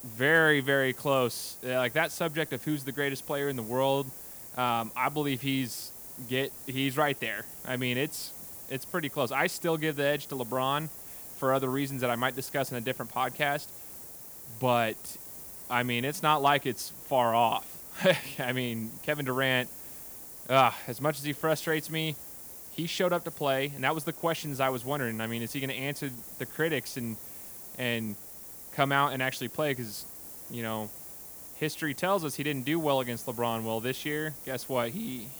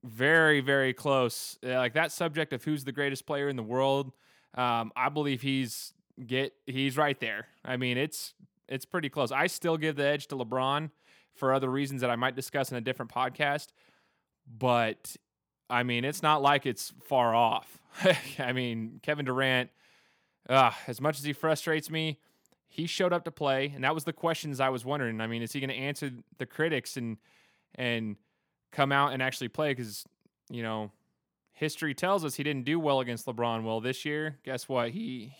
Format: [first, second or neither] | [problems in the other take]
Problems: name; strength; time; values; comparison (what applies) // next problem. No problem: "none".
second | hiss; noticeable; throughout; 10 dB below the speech